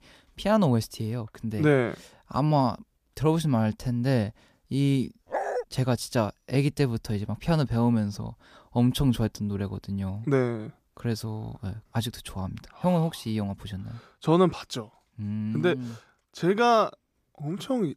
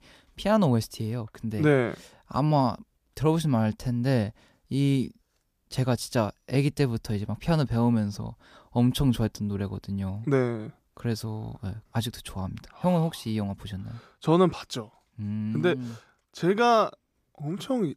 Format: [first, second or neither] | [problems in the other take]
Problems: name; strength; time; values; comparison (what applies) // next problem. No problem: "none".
second | dog barking; noticeable; at 5.5 s; peak 3 dB below the speech